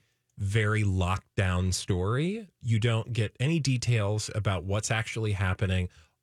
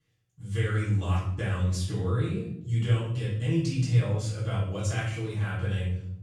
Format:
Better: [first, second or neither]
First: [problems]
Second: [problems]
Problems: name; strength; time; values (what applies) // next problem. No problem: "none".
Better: first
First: none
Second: off-mic speech; far // room echo; noticeable; dies away in 0.9 s